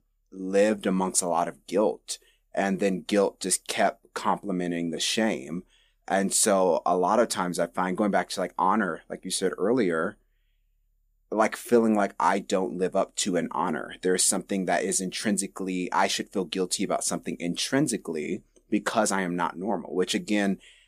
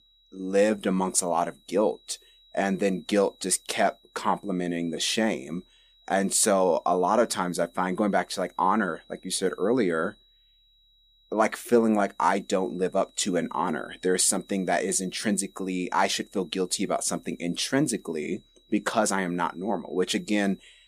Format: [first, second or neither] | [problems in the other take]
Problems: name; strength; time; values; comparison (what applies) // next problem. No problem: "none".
first | high-pitched whine; faint; throughout; 4 kHz, 30 dB below the speech